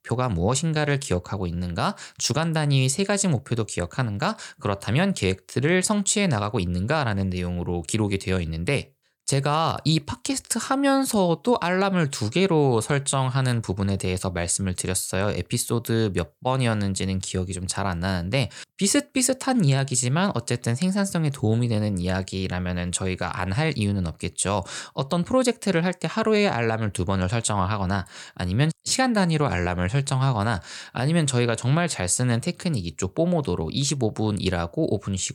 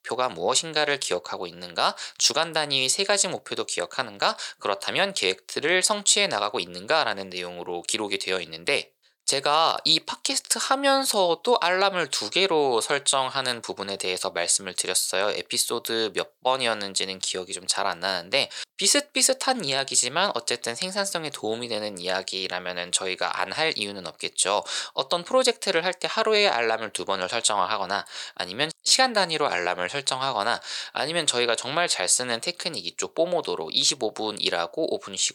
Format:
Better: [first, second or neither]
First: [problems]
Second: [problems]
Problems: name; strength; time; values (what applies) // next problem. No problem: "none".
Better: first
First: none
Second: thin; very; fading below 550 Hz